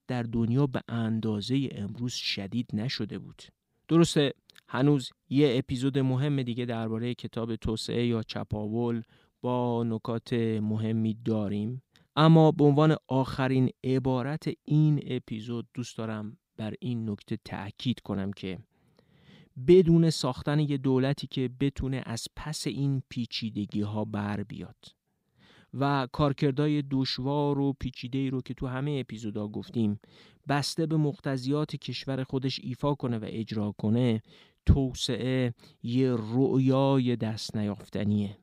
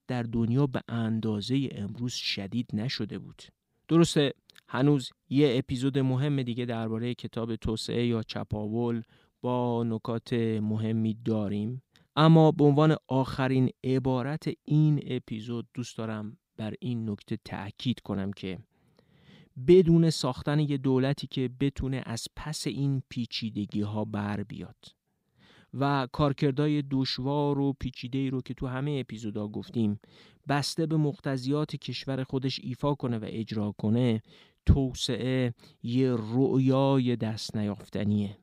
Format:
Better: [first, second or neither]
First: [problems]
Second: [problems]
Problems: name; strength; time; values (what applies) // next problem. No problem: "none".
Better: neither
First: none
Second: none